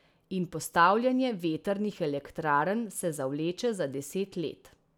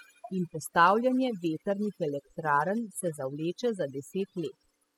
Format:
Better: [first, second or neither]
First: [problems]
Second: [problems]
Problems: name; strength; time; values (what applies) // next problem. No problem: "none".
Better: first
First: none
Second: noise reduction (classical method spectral subtraction)